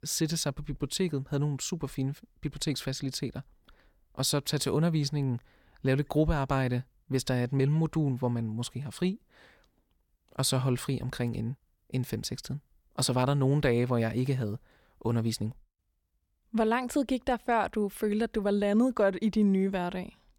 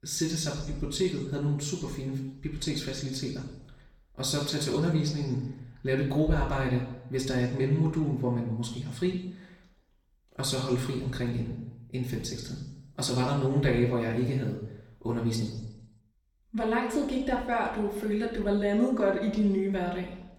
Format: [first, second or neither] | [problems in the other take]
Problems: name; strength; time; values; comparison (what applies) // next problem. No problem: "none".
first | room echo; noticeable; dies away in 0.9 s // off-mic speech; far